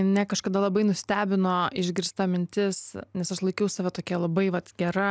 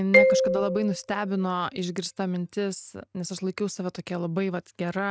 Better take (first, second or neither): first